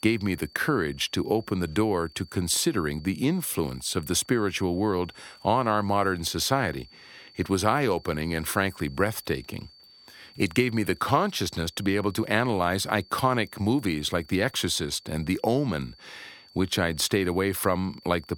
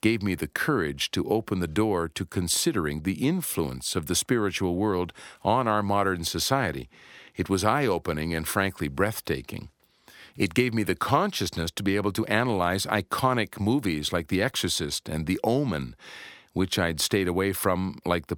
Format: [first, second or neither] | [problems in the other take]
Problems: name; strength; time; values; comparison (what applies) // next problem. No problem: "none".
second | high-pitched whine; faint; throughout; 4.5 kHz, 25 dB below the speech